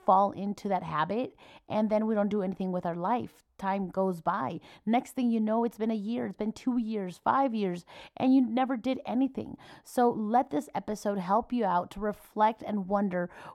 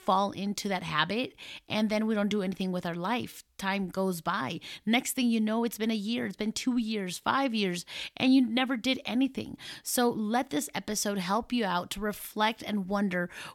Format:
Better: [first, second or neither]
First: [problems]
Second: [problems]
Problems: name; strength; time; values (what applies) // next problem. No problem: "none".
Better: second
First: muffled; very; fading above 1.5 kHz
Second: none